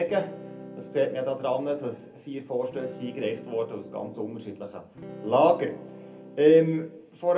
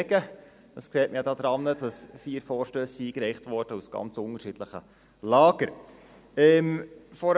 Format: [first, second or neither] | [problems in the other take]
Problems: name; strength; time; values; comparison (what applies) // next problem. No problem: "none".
second | background sound (Electric guitar / Strum); 16 dB below the speech // room echo; dies away in 0.3 s